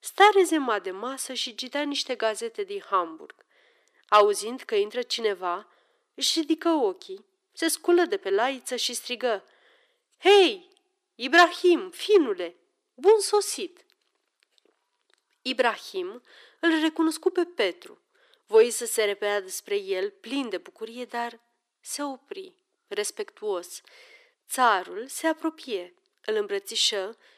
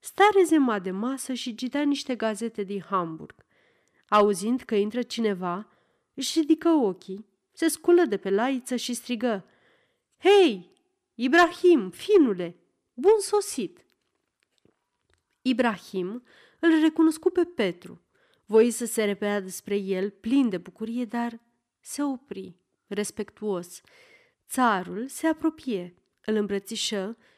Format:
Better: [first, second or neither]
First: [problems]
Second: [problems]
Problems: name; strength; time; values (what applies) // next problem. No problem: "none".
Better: second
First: thin; somewhat; fading below 350 Hz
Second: none